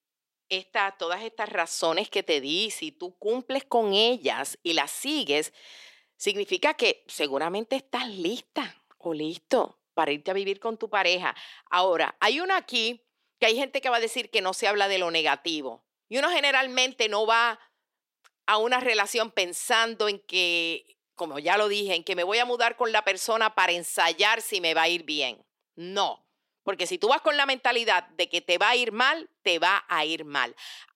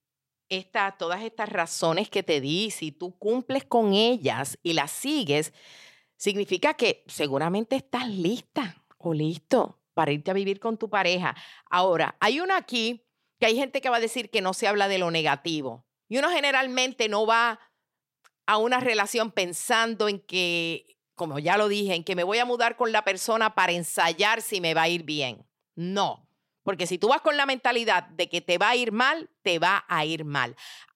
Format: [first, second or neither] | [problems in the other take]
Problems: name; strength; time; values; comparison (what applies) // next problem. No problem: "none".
second | thin; very slightly; fading below 300 Hz